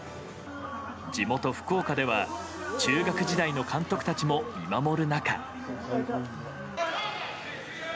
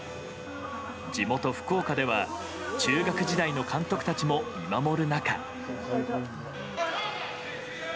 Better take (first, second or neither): first